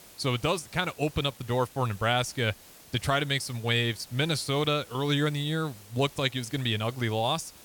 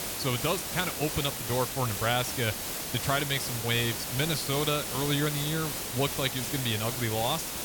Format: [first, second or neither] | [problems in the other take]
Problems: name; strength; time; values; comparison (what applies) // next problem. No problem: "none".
first | hiss; loud; throughout; 2 dB below the speech; faint in the first